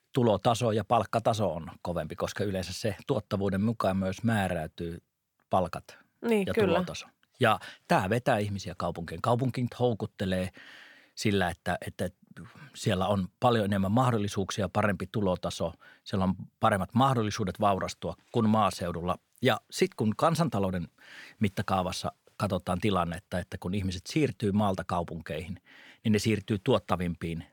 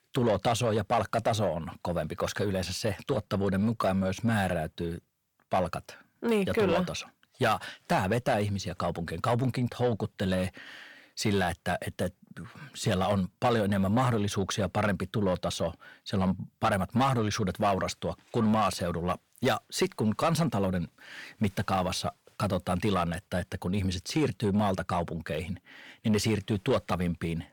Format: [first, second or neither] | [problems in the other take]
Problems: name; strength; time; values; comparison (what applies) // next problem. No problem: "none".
first | distortion; slight; 10 dB below the speech